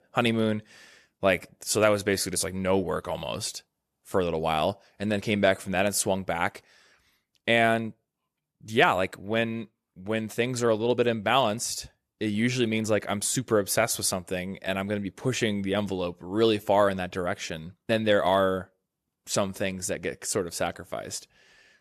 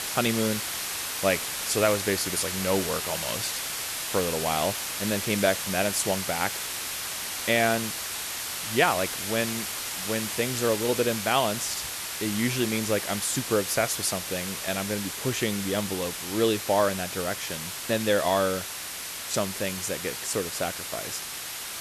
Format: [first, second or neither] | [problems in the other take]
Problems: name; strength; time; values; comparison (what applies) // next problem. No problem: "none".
first | hiss; loud; throughout; 3 dB below the speech